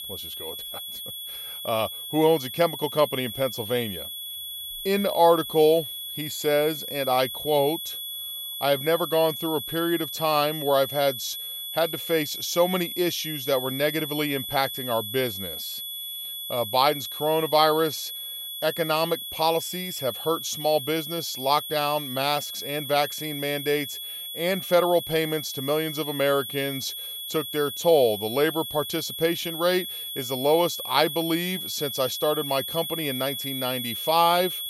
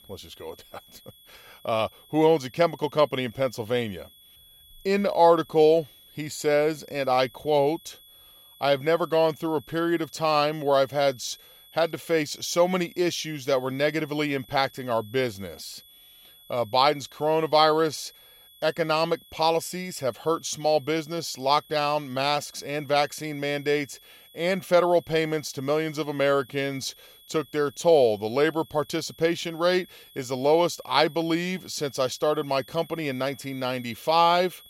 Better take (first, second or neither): second